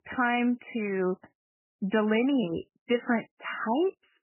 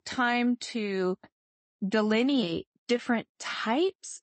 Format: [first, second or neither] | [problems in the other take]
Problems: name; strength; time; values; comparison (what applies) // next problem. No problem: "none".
second | garbled, watery; badly; nothing above 3 kHz; slightly in the second